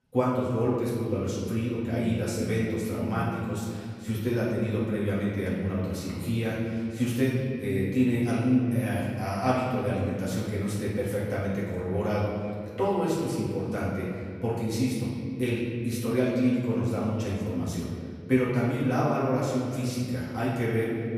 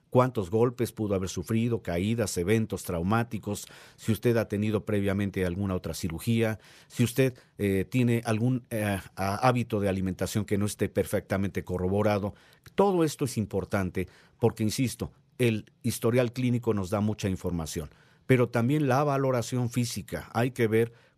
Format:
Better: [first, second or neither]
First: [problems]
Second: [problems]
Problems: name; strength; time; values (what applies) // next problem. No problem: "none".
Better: second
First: off-mic speech; far // room echo; strong; dies away in 2.1 s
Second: none